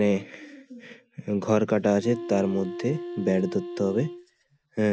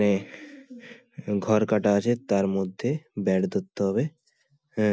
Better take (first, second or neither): second